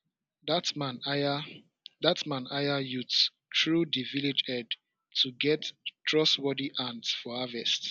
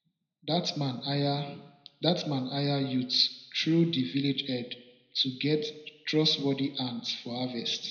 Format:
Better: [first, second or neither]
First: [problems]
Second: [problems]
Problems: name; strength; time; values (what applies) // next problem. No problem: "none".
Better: first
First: none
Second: room echo; dies away in 0.7 s